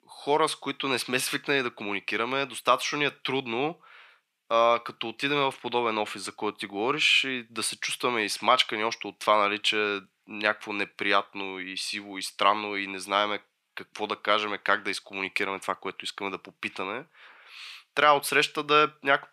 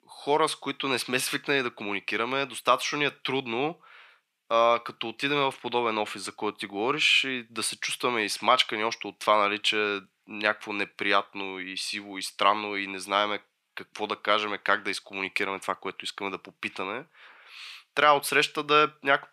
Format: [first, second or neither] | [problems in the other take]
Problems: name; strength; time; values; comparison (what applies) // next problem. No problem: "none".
neither | thin; very; fading below 500 Hz; the same in both